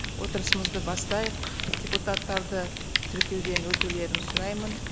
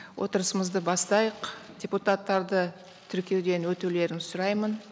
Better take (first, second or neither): second